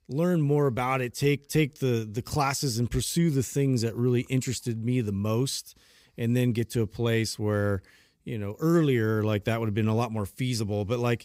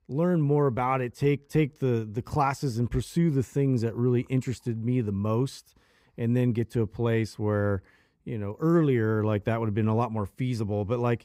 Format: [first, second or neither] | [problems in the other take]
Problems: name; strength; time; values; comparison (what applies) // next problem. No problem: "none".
first | muffled; slightly; fading above 2.5 kHz